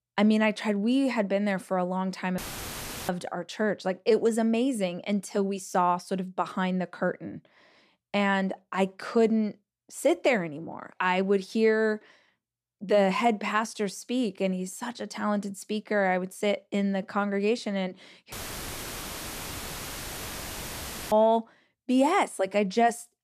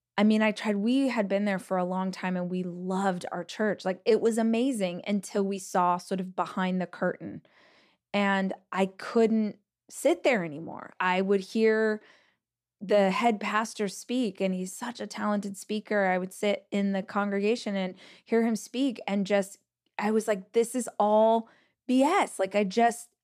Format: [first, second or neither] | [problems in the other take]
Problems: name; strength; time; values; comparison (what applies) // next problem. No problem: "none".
second | audio cutting out; filled with static; at 2.5 s for 0.5 s and at 18 s for 3 s